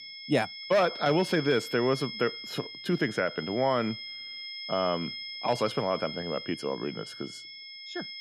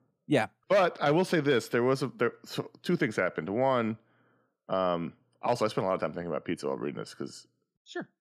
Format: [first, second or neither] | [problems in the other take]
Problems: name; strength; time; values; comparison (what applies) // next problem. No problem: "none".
second | high-pitched whine; loud; throughout; 5 kHz, 9 dB below the speech